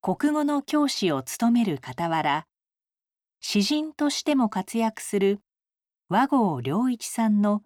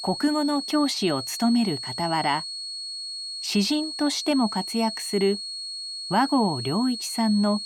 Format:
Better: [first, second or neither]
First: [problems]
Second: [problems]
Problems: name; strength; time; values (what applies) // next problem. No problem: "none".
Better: first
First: none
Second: high-pitched whine; loud; throughout; 4.5 kHz, 6 dB below the speech